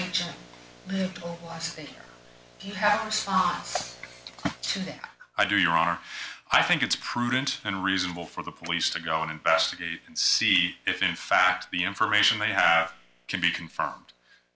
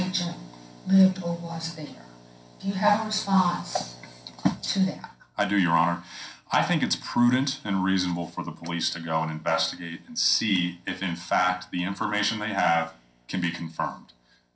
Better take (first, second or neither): first